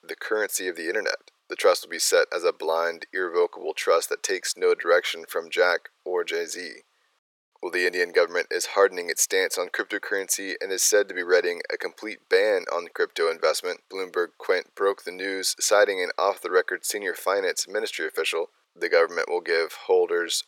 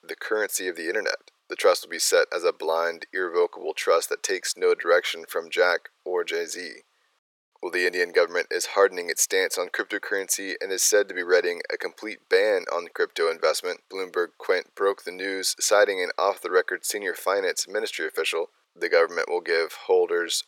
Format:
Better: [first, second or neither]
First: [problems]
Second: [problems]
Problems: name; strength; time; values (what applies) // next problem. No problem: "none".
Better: neither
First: thin; very; fading below 450 Hz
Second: thin; very; fading below 450 Hz